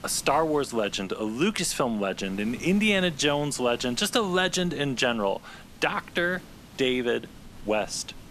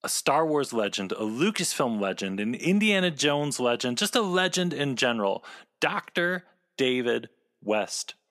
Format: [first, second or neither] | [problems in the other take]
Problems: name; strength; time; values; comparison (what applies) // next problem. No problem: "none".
second | hiss; faint; throughout; 20 dB below the speech